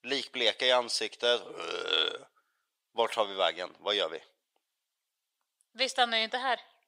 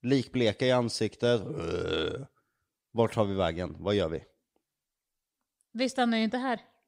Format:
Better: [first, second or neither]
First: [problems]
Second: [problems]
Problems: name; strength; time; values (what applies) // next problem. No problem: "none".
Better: second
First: thin; very; fading below 750 Hz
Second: none